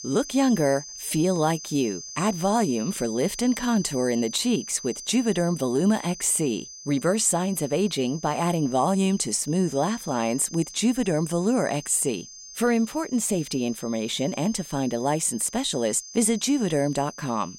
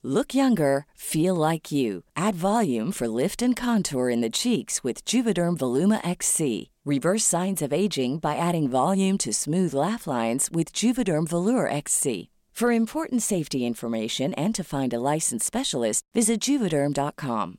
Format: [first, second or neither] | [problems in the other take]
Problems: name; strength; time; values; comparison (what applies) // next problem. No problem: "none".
second | high-pitched whine; noticeable; throughout; 6.5 kHz, 15 dB below the speech